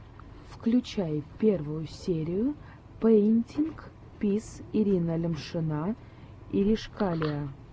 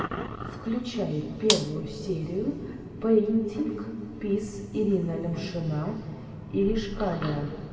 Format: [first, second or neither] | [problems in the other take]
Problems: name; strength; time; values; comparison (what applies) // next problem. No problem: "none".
first | background sound (Gunshot, gunfire); 4 dB below the speech // room echo; dies away in 2 s